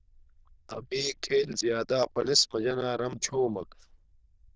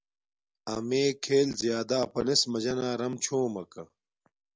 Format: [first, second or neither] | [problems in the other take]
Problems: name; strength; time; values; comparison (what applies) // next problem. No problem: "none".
second | noise reduction (neural diffusion model UNIVERSE++)